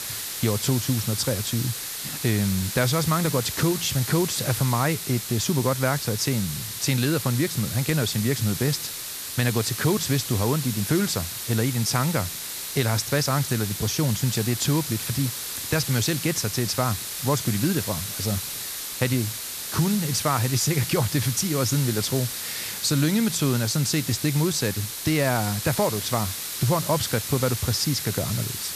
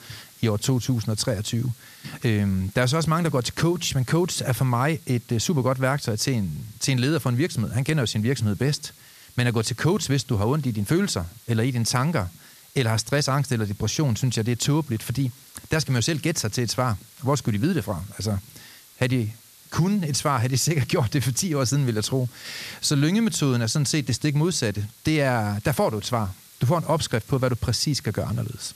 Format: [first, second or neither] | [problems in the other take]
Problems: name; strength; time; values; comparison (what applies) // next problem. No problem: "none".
second | hiss; loud; throughout; 5 dB below the speech; faint in the second